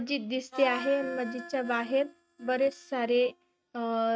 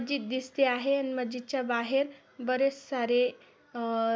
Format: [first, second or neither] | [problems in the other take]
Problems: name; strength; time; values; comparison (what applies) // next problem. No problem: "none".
second | noise reduction (neural mask model RNNoise)